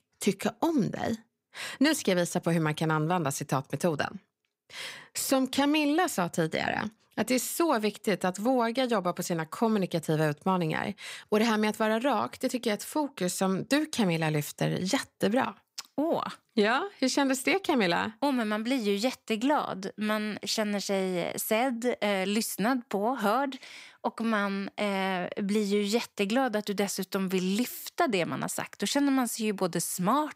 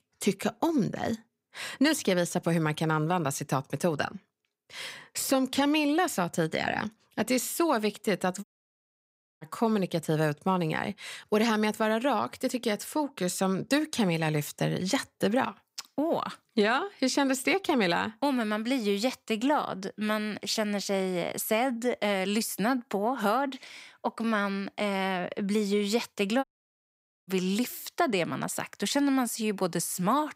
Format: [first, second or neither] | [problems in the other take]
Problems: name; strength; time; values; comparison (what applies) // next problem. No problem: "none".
first | audio cutting out; at 8.5 s for 1 s and at 26 s for 1 s